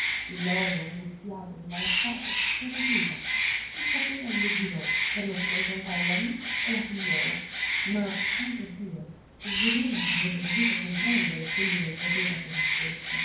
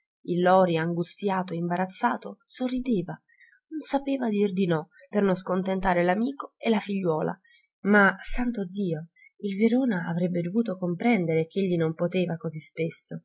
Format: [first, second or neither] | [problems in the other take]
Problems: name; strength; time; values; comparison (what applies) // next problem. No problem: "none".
second | background sound (Bird); 4 dB above the speech // room echo; dies away in 0.9 s